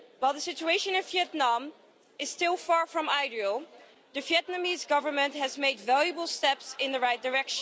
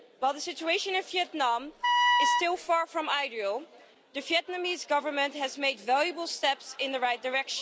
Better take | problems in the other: first | background sound (Wind instrument, woodwind instrument); 3 dB above the speech

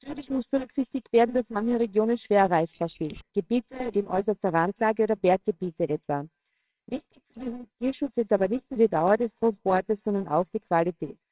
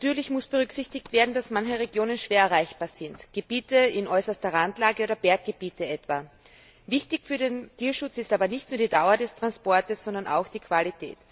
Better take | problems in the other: second | noise reduction (neural separator model SepFormer WHAMR!)

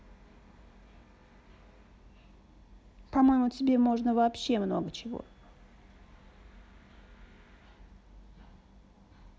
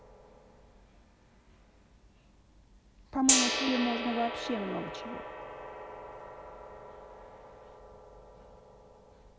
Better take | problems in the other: first | background sound (Gong); 1 dB above the speech

